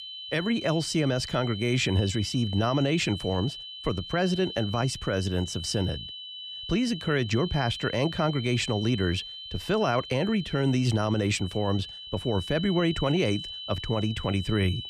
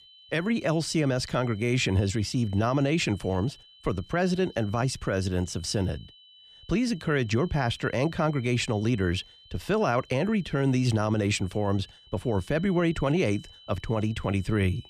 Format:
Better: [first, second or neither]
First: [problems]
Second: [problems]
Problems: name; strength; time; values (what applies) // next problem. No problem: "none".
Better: second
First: high-pitched whine; loud; throughout; 3 kHz, 10 dB below the speech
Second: high-pitched whine; faint; throughout; 3 kHz, 25 dB below the speech